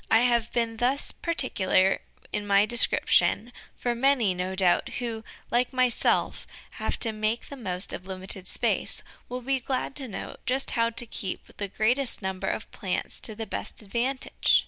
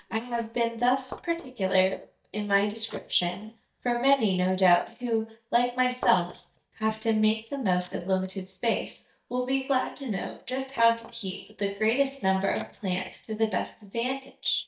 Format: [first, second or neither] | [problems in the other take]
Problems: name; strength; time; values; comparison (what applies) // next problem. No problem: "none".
first | noise reduction (neural mask model DeepFilterNet 3)